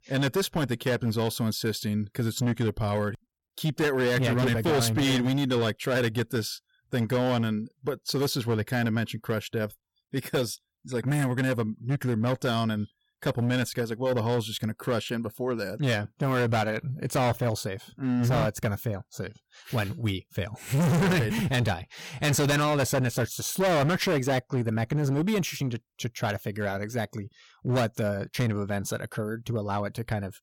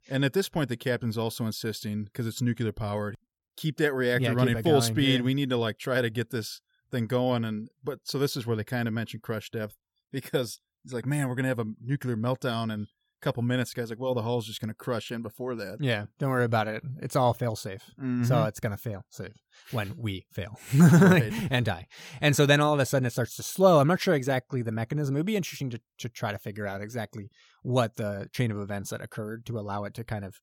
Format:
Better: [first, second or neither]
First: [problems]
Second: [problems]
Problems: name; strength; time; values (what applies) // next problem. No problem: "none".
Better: second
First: distortion; heavy; 12% of the sound clipped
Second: none